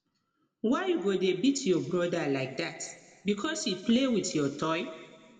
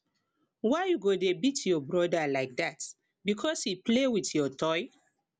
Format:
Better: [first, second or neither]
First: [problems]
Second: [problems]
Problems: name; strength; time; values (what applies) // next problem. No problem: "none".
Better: second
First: room echo; dies away in 1.6 s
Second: none